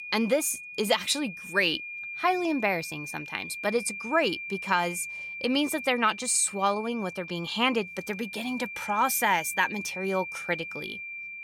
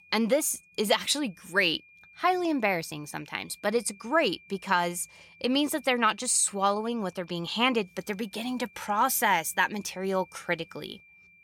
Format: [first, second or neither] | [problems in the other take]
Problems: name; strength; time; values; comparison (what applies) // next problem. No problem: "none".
second | high-pitched whine; loud; throughout; 2.5 kHz, 9 dB below the speech; faint in the second